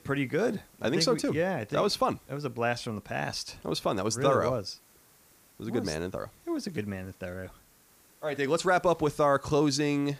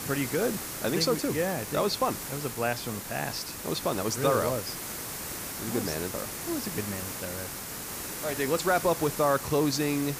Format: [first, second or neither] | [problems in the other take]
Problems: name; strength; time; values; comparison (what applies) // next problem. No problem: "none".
first | hiss; loud; throughout; 6 dB below the speech; faint in the first